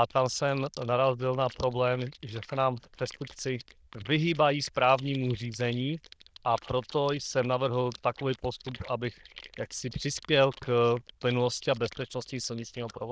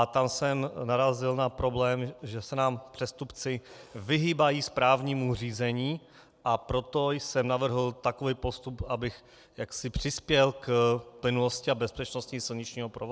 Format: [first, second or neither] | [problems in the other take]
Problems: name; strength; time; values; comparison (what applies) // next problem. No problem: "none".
second | noise reduction (neural diffusion model UNIVERSE++)